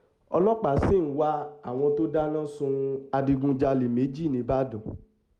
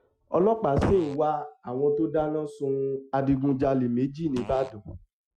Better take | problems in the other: first | noise reduction (classical method Wiener filter)

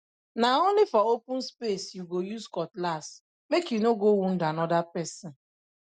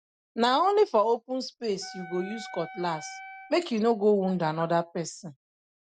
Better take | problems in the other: first | background sound (Wind instrument, woodwind instrument); 16 dB below the speech

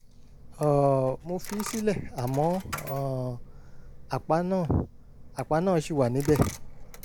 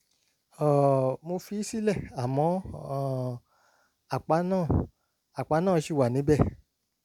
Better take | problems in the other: second | background sound (Coin (dropping)); 13 dB below the speech

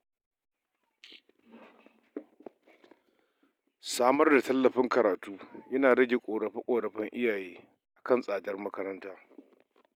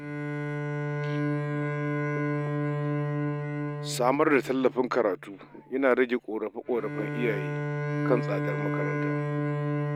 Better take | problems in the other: first | background sound (Bowed string instrument); as loud as the speech

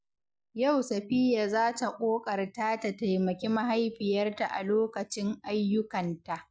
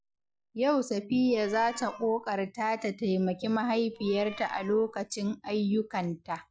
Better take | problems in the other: first | background sound (Meow); 20 dB below the speech

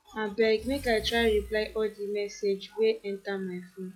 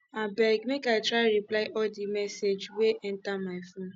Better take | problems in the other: second | noise reduction (classical method log-MMSE)

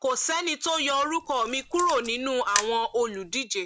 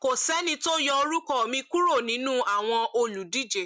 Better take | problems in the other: second | background sound (Camera); 10 dB below the speech

